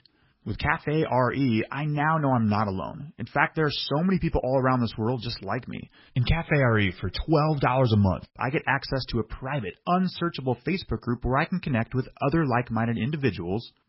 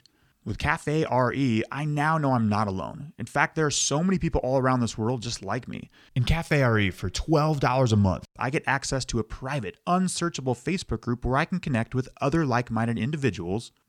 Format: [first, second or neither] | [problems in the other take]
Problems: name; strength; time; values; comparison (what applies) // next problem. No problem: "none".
second | garbled, watery; badly; nothing above 5.5 kHz